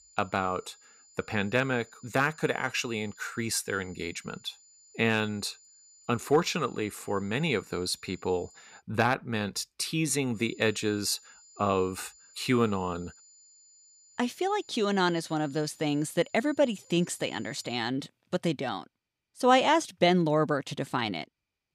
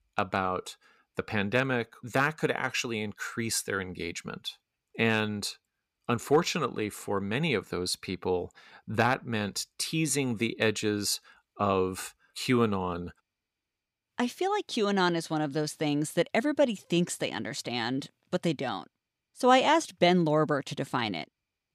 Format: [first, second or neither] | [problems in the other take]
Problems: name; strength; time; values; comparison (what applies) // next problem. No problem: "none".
second | high-pitched whine; faint; until 9 s and from 10 to 18 s; 7 kHz, 25 dB below the speech